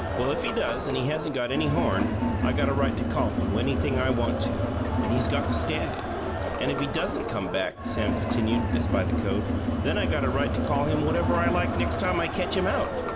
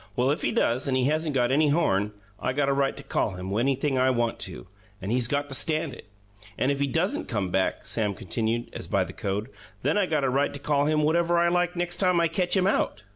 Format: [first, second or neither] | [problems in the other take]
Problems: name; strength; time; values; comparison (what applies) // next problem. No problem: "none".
second | background sound (Crowd); 2 dB above the speech